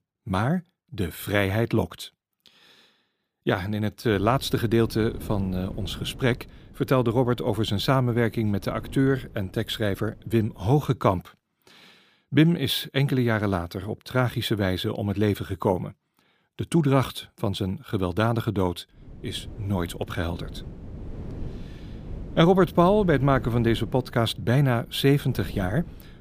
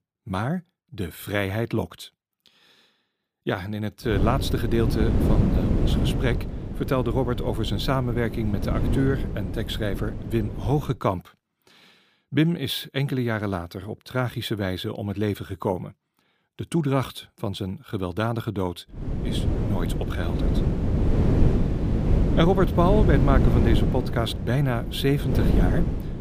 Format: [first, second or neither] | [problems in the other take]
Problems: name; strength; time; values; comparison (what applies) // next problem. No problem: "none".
first | wind noise on the microphone; heavy; from 4 to 11 s and from 19 s on; 4 dB below the speech; occasional gusts in the first